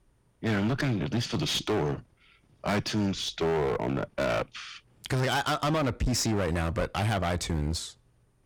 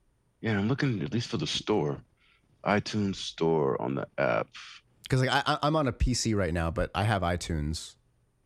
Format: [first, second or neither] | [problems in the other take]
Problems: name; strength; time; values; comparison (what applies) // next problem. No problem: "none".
second | distortion; heavy; 19% of the sound clipped